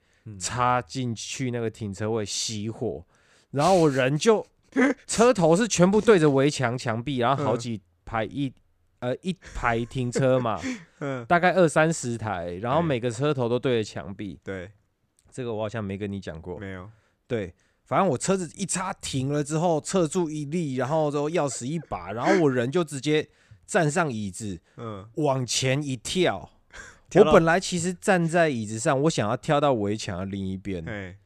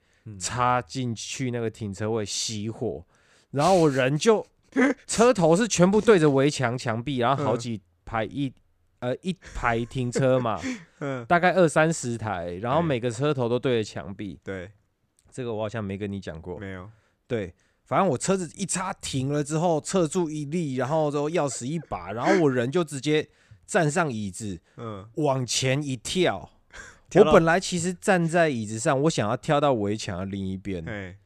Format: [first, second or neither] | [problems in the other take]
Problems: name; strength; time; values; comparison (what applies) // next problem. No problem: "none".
neither | none